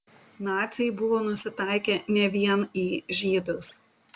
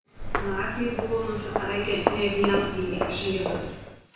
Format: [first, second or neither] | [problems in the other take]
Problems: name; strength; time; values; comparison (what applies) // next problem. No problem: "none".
first | background sound (Walk, footsteps); 2 dB below the speech // room echo; dies away in 1 s